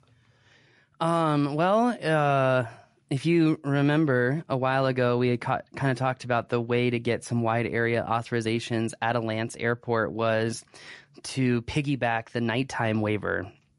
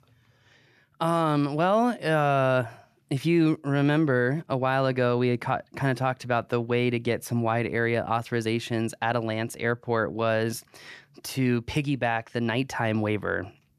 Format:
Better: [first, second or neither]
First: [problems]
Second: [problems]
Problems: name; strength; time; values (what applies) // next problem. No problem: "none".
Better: second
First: garbled, watery; slightly; nothing above 11 kHz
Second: none